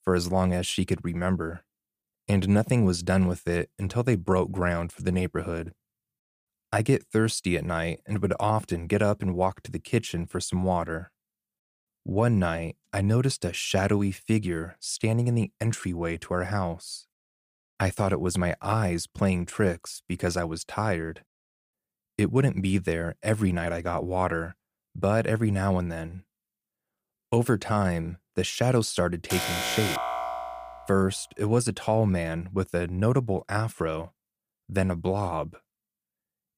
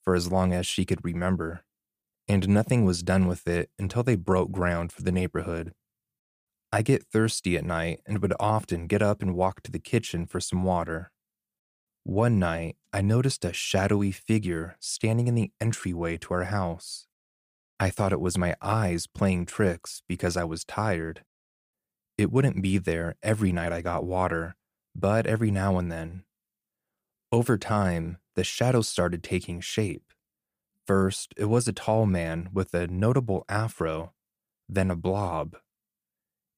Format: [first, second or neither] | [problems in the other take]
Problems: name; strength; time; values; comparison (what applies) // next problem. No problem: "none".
second | alarm; noticeable; from 29 to 31 s; peak 1 dB below the speech